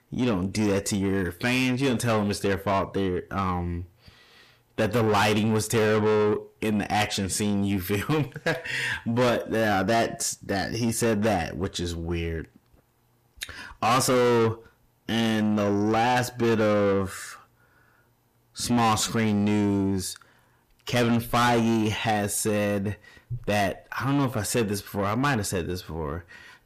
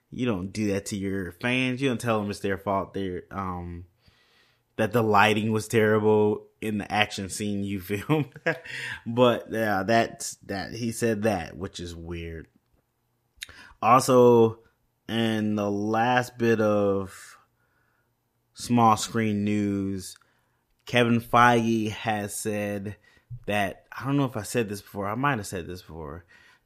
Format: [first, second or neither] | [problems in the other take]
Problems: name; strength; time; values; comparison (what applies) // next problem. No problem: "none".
second | distortion; heavy; 6 dB below the speech